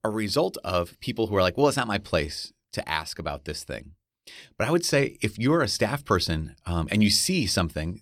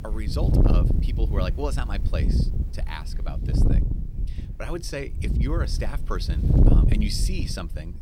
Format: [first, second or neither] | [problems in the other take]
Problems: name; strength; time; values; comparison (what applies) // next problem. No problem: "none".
first | wind noise on the microphone; heavy; 1 dB below the speech